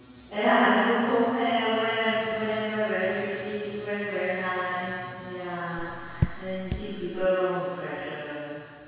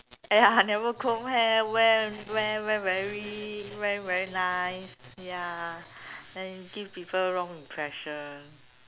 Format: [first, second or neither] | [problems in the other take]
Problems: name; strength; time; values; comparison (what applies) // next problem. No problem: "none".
second | background sound (Raindrop / Drip); 5 dB below the speech // room echo; dies away in 2 s